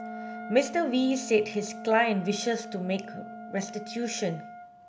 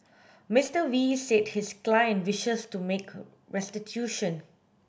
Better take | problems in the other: second | background sound (Wind instrument, woodwind instrument + Wind instrument, woodwind instrument); 12 dB below the speech

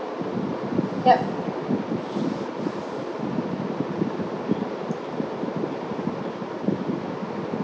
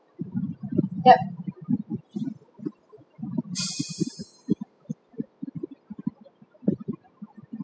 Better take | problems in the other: first | noise reduction (classical method spectral subtraction)

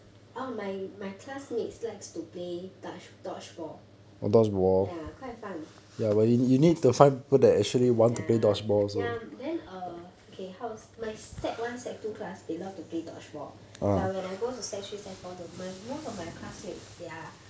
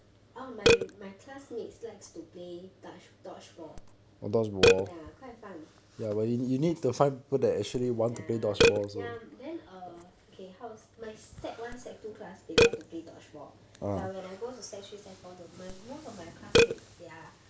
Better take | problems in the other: first | background sound (Burping, eructation); 2 dB above the speech

